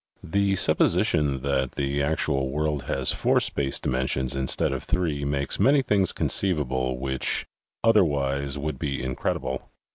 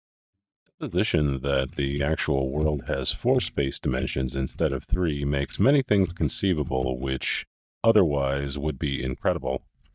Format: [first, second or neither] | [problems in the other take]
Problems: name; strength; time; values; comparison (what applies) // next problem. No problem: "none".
first | noise reduction (neural mask model DeepFilterNet 3)